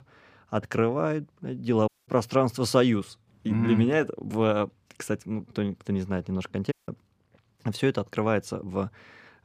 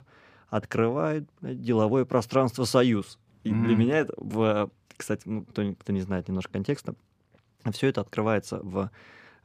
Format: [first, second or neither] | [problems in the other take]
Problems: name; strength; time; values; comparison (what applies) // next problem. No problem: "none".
second | audio cutting out; at 2 s and at 6.5 s